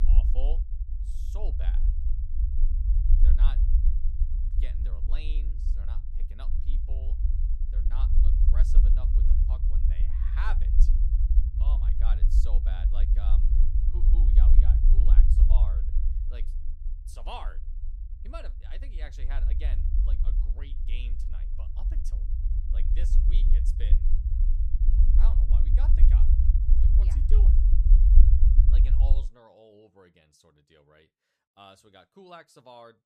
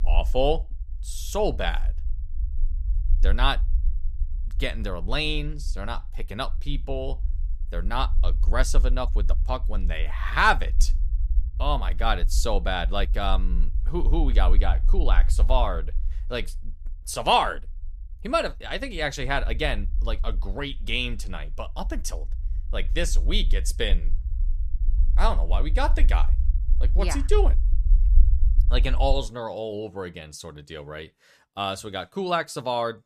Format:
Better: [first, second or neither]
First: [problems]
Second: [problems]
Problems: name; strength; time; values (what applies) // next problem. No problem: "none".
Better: second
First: low rumble; loud; until 29 s; 1 dB below the speech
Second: low rumble; faint; until 29 s; 25 dB below the speech